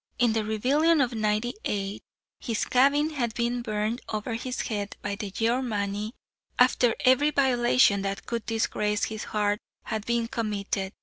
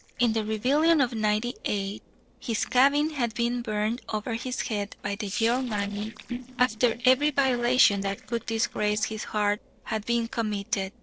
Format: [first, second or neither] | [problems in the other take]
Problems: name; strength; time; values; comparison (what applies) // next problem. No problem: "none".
first | noise reduction (neural separator model SepFormer DNS4)